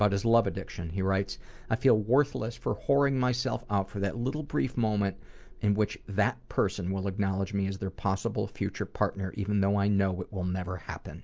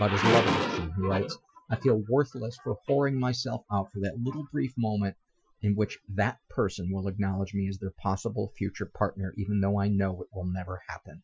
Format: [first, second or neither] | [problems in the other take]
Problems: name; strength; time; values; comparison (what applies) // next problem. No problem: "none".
first | noise reduction (classical method Wiener filter)